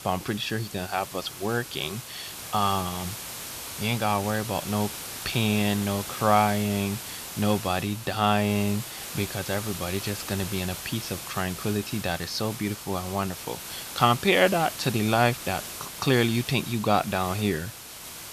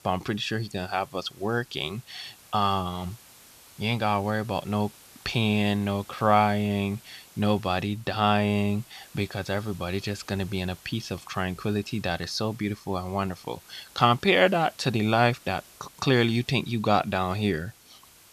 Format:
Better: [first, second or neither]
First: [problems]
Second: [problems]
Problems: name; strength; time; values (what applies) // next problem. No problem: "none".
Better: second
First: hiss; loud; throughout; 9 dB below the speech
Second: hiss; faint; throughout; 25 dB below the speech